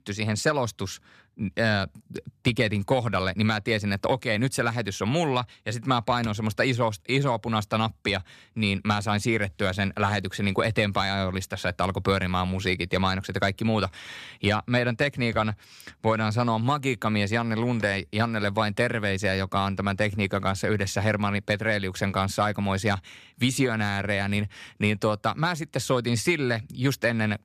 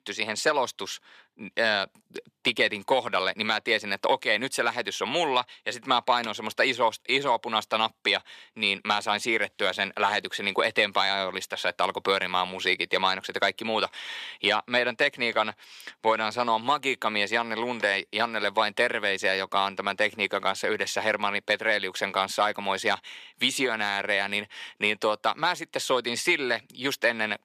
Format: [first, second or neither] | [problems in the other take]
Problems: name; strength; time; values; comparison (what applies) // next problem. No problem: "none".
first | thin; somewhat; fading below 400 Hz